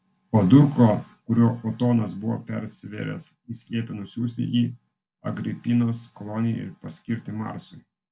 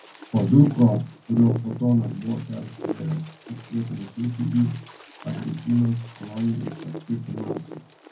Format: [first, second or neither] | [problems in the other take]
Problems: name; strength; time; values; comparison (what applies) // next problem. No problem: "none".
first | background sound (Wind); 15 dB below the speech // room echo; dies away in 0.4 s